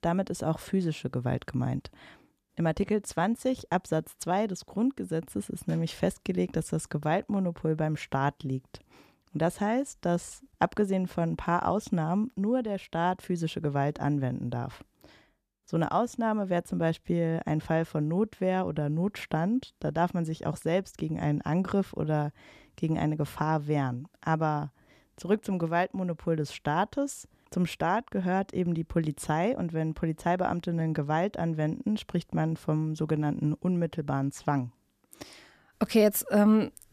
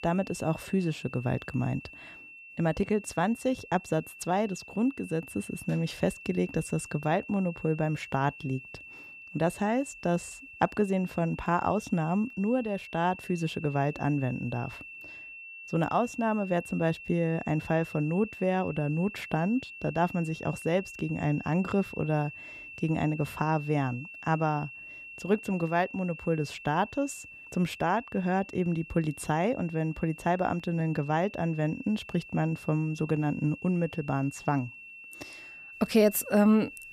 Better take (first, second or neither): first